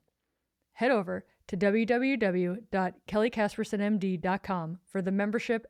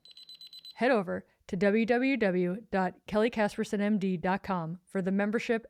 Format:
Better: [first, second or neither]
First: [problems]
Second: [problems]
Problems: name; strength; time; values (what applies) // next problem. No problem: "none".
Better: first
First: none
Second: alarm; faint; at the start; peak 15 dB below the speech